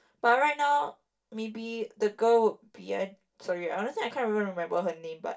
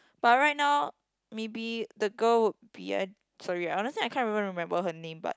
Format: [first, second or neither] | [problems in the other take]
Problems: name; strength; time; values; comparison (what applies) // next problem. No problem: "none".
second | room echo; dies away in 0.2 s